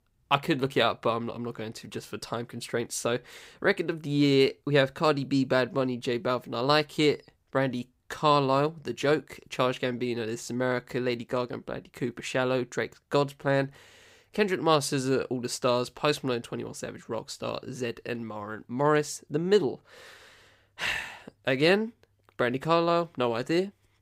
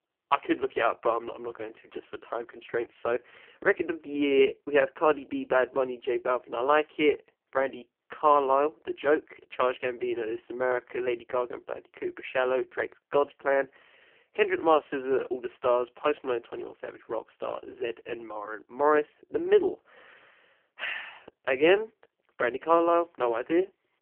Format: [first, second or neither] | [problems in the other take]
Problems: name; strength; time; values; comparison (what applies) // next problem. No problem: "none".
first | phone-call audio; poor line; nothing above 3 kHz